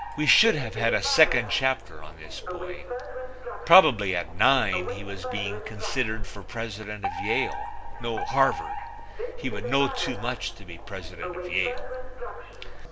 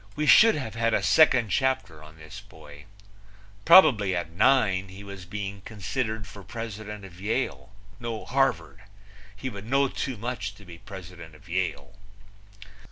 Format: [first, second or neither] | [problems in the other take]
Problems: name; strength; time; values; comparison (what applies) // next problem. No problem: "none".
second | background sound (Alarm); 9 dB below the speech